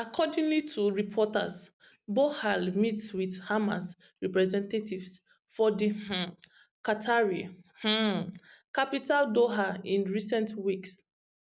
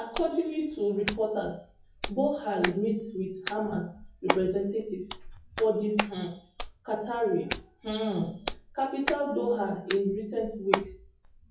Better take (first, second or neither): first